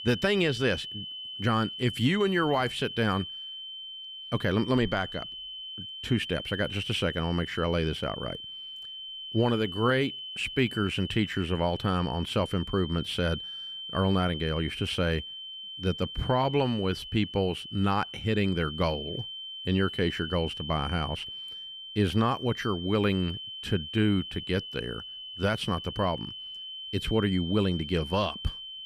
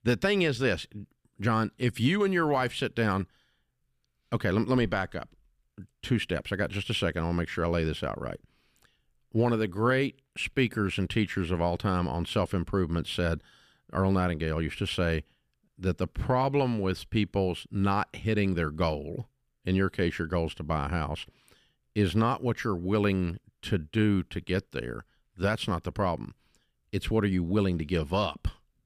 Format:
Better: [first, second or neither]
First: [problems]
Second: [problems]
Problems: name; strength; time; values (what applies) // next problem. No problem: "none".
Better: second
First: high-pitched whine; loud; throughout; 3 kHz, 9 dB below the speech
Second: none